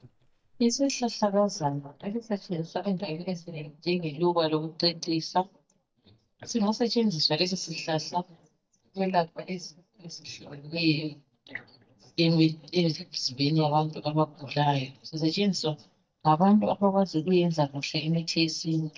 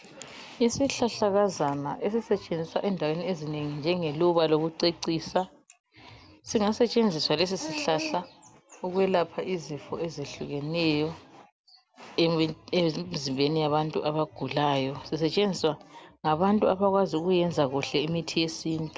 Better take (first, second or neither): second